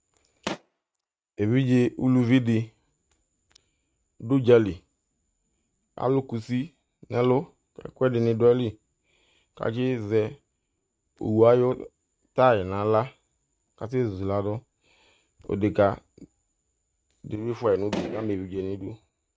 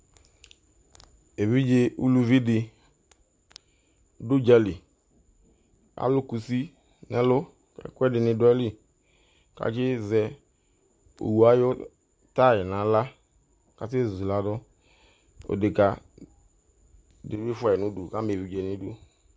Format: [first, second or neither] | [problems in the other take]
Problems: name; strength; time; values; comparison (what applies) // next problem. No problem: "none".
second | noise reduction (neural mask model RNNoise)